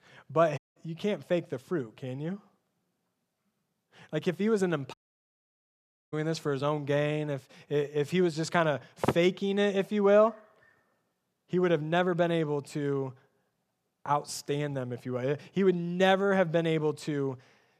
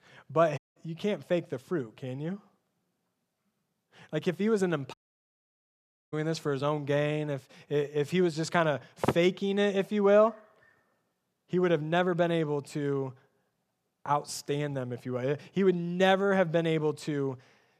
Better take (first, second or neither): neither